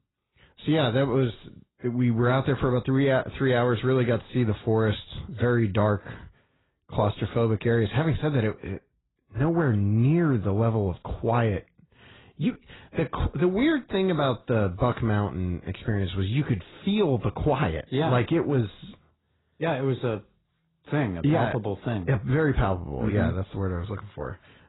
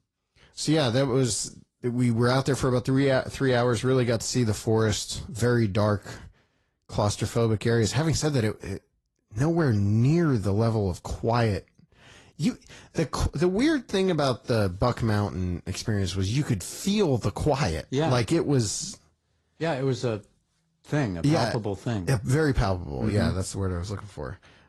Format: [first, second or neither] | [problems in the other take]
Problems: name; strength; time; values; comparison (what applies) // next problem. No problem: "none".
second | garbled, watery; badly; nothing above 4 kHz; slightly in the second